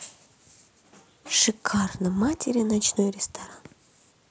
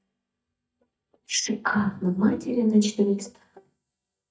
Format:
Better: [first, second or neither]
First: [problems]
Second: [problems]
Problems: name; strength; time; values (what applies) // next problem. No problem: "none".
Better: first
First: none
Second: noise reduction (neural mask model DeepFilterNet 3)